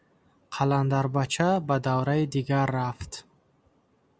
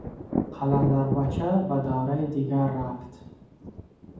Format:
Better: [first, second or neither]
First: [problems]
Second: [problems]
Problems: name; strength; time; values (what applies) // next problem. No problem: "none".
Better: first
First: none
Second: background sound (Thunder); 5 dB below the speech // room echo; dies away in 1.2 s